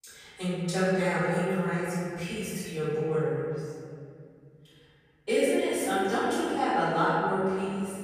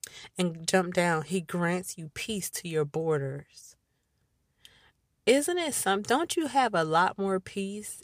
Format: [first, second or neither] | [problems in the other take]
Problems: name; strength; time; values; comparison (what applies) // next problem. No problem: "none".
second | off-mic speech; far // room echo; strong; dies away in 2.4 s